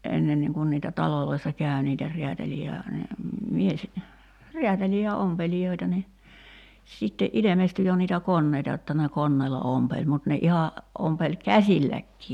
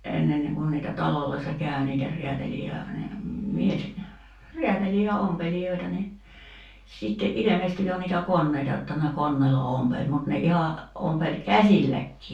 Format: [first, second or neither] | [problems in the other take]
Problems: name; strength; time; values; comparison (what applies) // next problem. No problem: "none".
first | room echo; dies away in 0.3 s